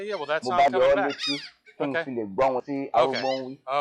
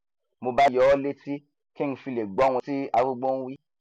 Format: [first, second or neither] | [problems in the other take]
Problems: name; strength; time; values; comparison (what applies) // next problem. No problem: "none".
second | noise reduction (classical method log-MMSE)